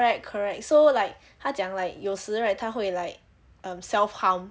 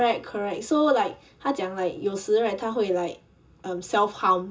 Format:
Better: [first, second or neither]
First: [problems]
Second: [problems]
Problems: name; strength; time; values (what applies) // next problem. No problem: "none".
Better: first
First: none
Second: room echo; dies away in 0.2 s